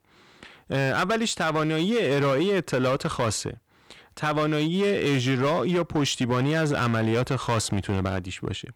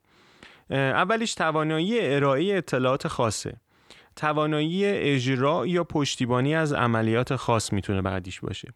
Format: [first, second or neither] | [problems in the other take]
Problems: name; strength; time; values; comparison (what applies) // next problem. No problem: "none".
second | distortion; slight; 13% of the sound clipped